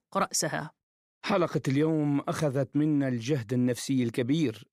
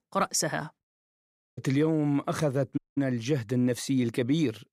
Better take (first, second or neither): first